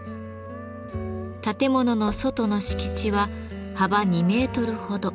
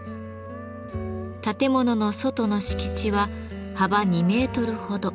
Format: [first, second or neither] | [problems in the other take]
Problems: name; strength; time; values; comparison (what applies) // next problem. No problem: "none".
second | background sound (Knock); 19 dB below the speech